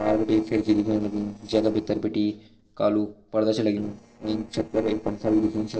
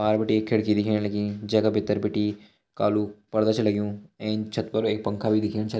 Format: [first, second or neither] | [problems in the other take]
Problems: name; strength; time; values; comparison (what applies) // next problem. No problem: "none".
second | noise reduction (neural separator model SepFormer DNS4)